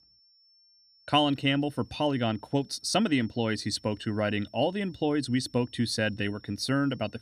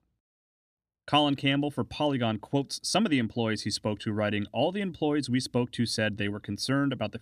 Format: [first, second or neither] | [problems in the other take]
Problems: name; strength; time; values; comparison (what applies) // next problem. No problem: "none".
second | high-pitched whine; faint; throughout; 5.5 kHz, 30 dB below the speech